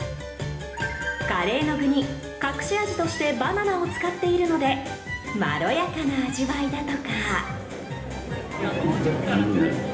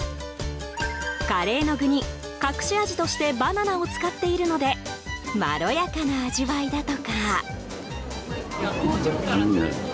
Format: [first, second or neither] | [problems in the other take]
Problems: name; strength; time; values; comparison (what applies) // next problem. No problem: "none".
second | room echo; dies away in 1.1 s